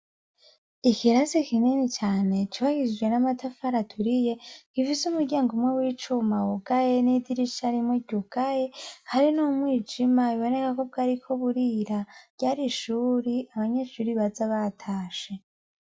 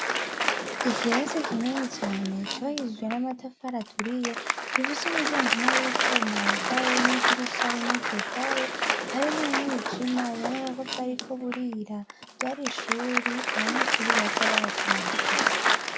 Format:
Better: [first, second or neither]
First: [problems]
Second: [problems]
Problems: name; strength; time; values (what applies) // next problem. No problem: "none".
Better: first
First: none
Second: background sound (Applause); 4 dB above the speech